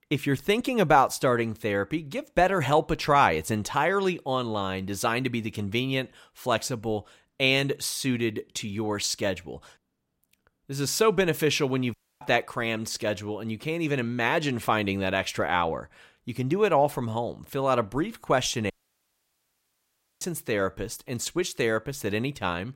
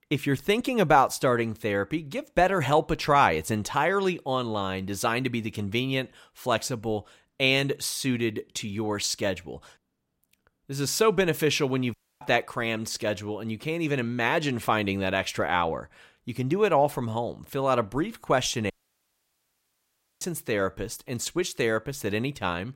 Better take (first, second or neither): neither